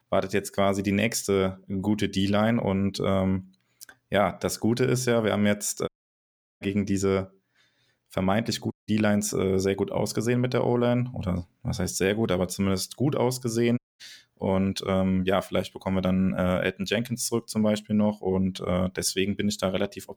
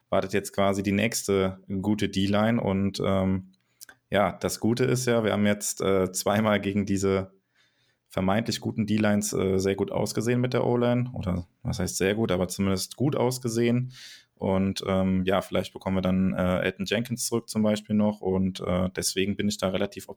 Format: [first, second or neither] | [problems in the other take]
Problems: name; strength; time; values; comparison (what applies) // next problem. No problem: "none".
second | audio cutting out; at 6 s for 0.5 s, at 8.5 s and at 14 s